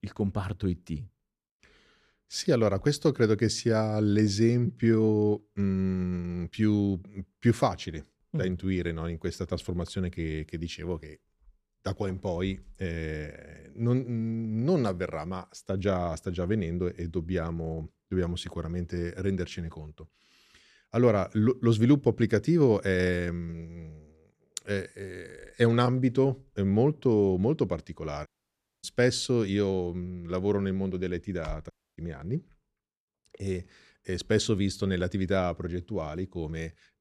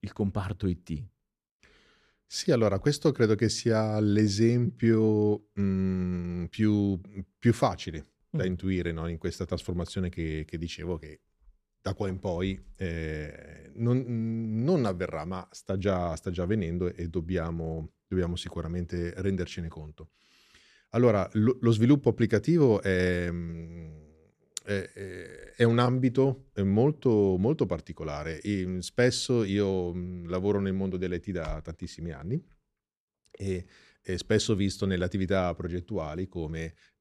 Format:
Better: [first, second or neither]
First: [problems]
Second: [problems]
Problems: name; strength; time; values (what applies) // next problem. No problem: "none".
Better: second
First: audio cutting out; at 28 s for 0.5 s and at 32 s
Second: none